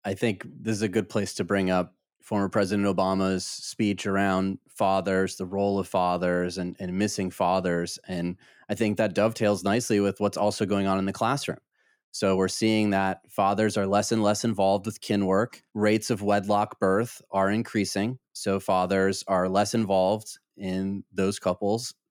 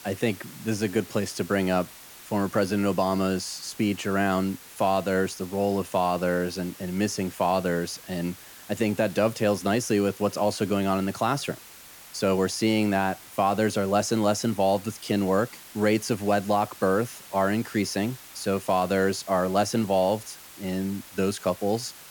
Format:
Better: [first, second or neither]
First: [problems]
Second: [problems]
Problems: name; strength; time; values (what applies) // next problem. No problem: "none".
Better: first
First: none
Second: hiss; noticeable; throughout; 20 dB below the speech